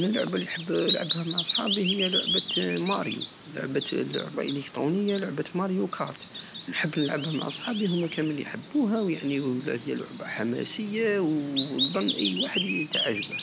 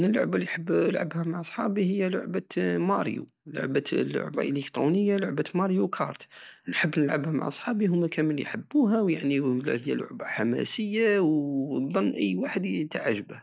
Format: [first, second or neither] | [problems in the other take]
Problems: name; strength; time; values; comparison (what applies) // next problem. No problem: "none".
second | background sound (Bird vocalization, bird call, bird song); 5 dB below the speech